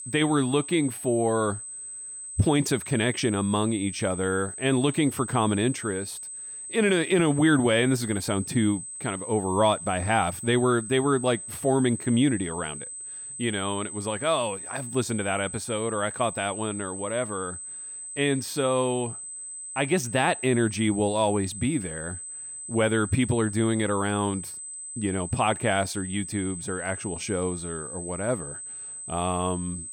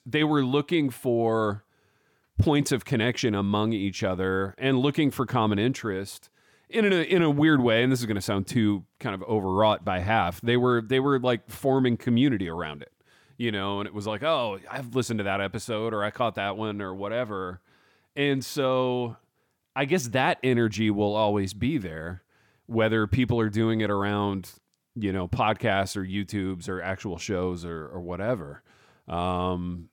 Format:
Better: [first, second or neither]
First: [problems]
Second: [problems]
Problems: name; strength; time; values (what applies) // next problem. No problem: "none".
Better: second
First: high-pitched whine; loud; throughout; 8 kHz, 9 dB below the speech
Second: none